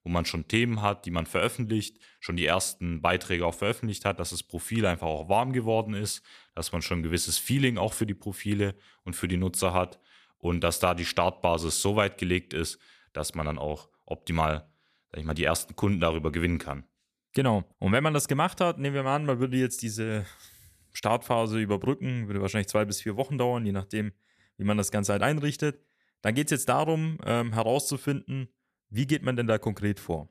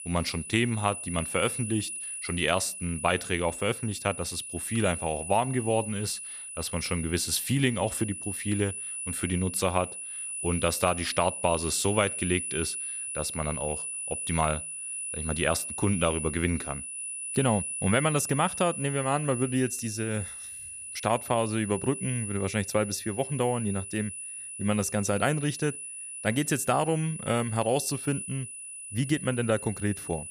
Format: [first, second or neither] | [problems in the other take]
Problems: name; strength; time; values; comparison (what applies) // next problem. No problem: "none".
first | high-pitched whine; loud; throughout; 10 kHz, 6 dB below the speech